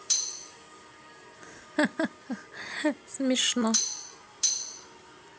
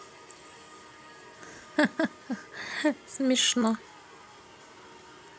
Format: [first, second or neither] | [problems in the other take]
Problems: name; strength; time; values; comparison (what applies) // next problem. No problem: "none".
second | background sound (Tambourine); 2 dB above the speech